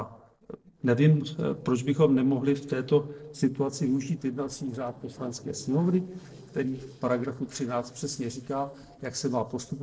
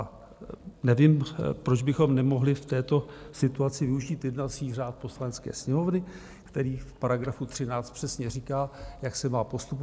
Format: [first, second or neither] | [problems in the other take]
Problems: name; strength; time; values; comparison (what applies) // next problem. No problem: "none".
second | noise reduction (neural separator model SepFormer DNS4)